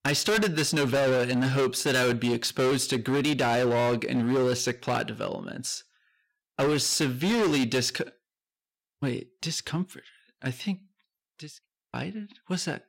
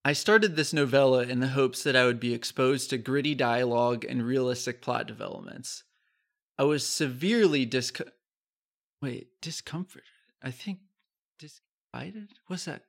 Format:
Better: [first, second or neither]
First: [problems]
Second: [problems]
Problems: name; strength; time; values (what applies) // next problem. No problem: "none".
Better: second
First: distortion; heavy; 15% of the sound clipped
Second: none